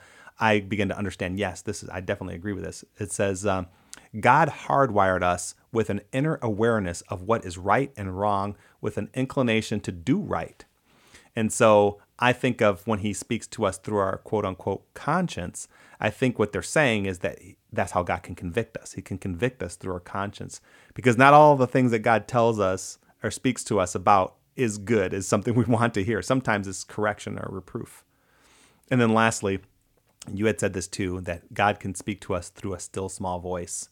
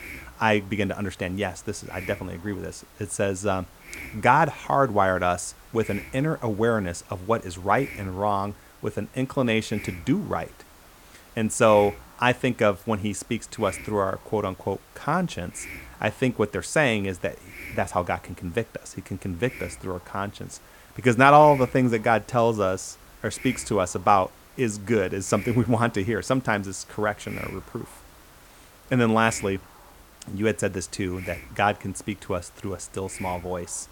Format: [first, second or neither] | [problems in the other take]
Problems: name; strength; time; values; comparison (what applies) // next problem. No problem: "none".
first | hiss; noticeable; throughout; 20 dB below the speech